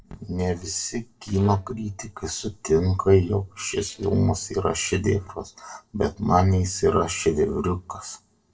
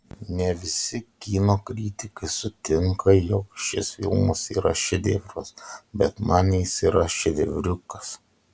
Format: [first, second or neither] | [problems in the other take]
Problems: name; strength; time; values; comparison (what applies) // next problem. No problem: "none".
second | noise reduction (neural separator model SepFormer DNS4)